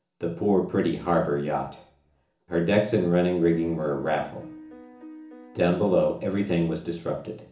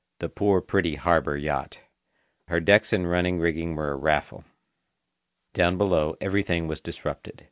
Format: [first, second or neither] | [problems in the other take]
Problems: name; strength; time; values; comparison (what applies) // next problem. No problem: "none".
second | background sound (Piano); 19 dB below the speech // room echo; dies away in 0.7 s